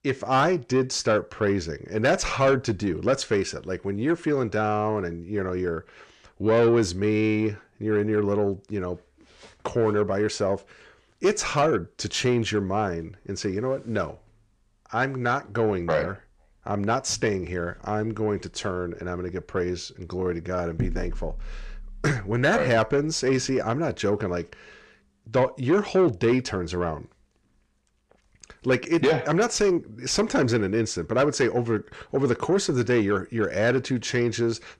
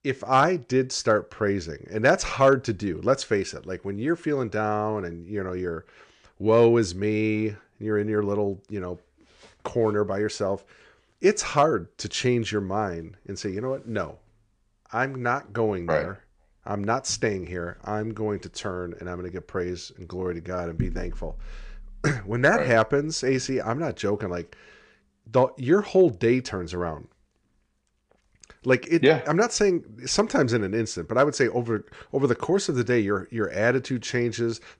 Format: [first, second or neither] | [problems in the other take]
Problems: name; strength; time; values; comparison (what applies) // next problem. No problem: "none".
second | distortion; slight; 10 dB below the speech